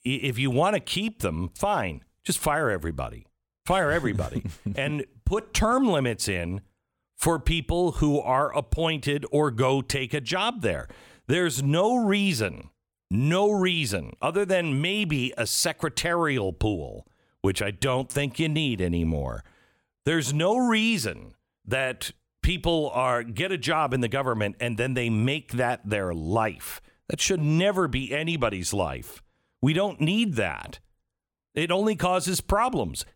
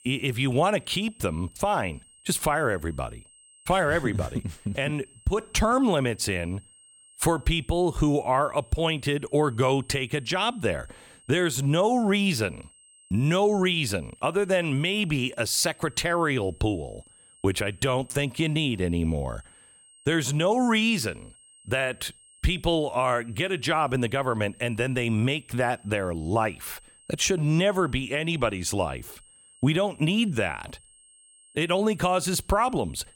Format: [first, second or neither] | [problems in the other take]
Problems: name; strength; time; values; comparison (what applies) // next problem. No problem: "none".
first | high-pitched whine; faint; throughout; 8.5 kHz, 25 dB below the speech